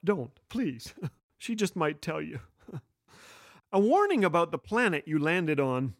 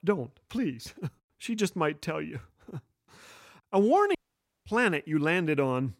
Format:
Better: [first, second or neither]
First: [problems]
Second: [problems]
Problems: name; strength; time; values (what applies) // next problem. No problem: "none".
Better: first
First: none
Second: audio cutting out; at 4 s for 0.5 s